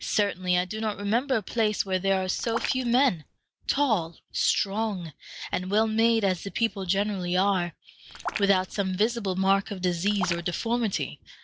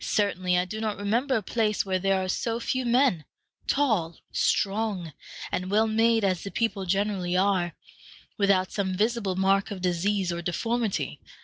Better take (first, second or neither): second